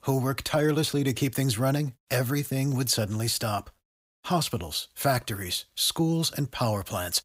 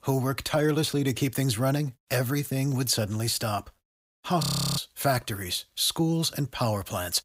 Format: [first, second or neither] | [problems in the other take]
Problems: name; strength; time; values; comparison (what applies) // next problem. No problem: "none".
first | audio freezing; at 4.5 s